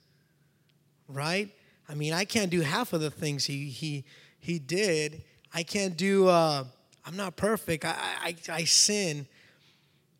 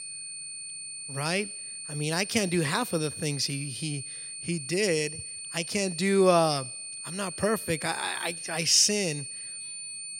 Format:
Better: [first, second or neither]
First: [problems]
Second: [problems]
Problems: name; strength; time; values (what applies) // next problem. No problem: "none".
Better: first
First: none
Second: high-pitched whine; loud; throughout; 9 kHz, 9 dB below the speech